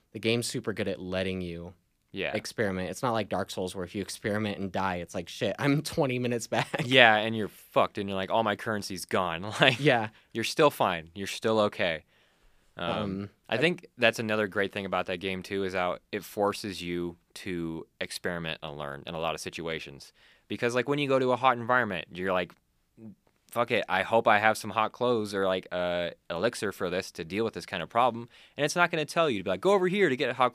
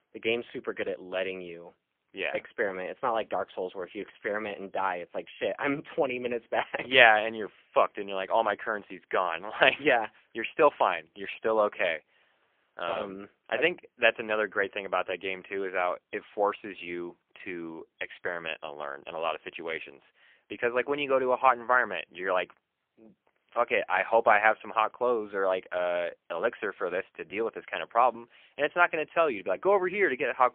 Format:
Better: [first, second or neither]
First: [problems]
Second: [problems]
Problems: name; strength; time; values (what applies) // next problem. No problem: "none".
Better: first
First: none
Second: phone-call audio; poor line; nothing above 3.5 kHz